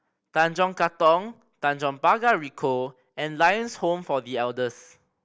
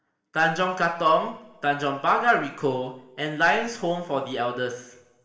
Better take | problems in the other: first | room echo; dies away in 1.2 s

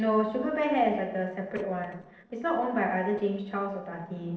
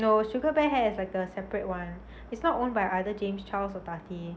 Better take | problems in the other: second | noise reduction (neural separator model SepFormer DNS4)

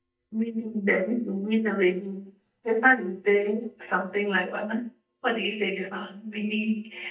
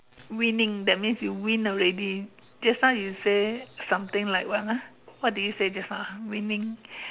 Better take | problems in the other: second | noise reduction (neural mask model DeepFilterNet 3)

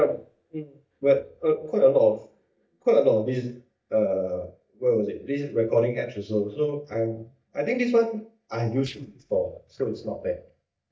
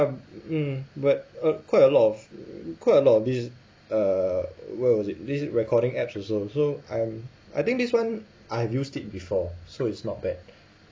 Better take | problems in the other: second | noise reduction (neural mask model DeepFilterNet 3)

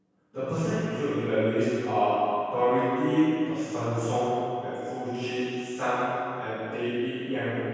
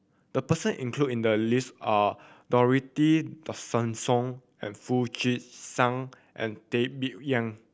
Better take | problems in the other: second | room echo; dies away in 2.2 s

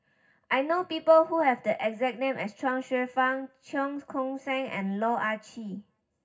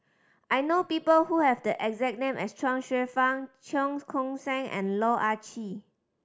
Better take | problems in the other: second | room echo; dies away in 0.4 s

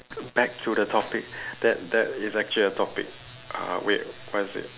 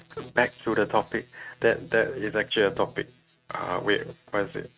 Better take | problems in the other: first | noise reduction (neural mask model RNNoise)

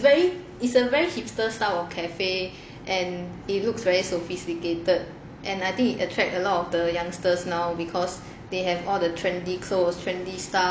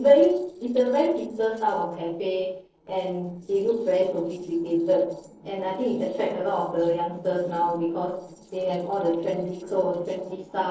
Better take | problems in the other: first | noise reduction (neural separator model SepFormer DNS4)

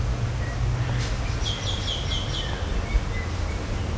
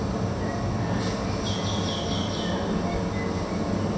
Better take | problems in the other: first | room echo; dies away in 0.7 s

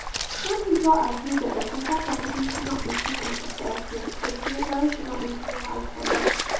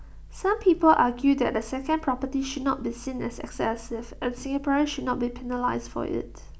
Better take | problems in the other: second | background sound (Stream); 2 dB below the speech // room echo; dies away in 0.6 s

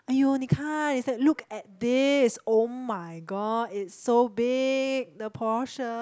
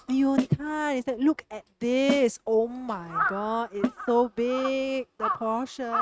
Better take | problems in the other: first | noise reduction (neural mask model RNNoise)

